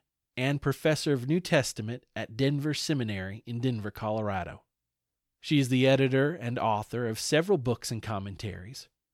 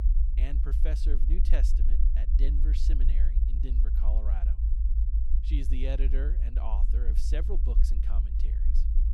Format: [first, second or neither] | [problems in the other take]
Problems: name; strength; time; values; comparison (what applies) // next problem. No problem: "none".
first | low rumble; loud; throughout; 5 dB below the speech